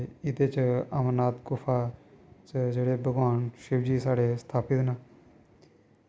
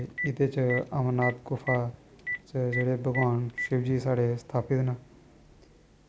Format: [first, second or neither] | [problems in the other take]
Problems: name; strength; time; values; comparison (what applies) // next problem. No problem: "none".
first | background sound (Telephone); 10 dB below the speech